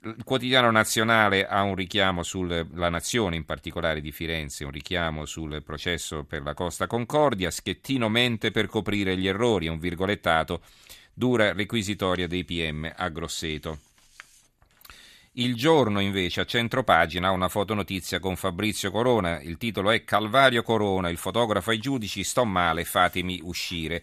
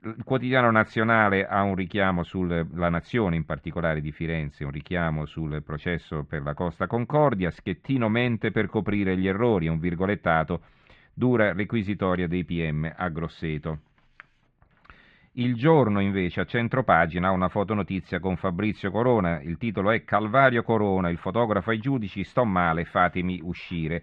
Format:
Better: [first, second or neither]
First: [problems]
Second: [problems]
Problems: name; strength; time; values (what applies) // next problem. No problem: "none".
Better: first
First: none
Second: muffled; very; fading above 2 kHz